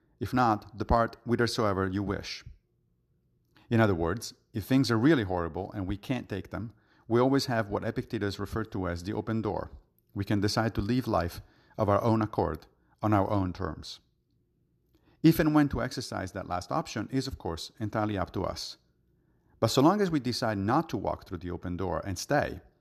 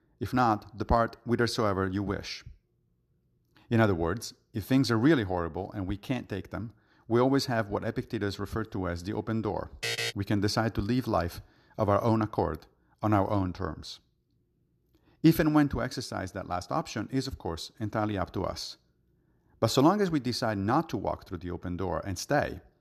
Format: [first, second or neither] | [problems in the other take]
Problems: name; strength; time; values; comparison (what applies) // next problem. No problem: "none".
first | alarm; noticeable; at 10 s; peak 1 dB below the speech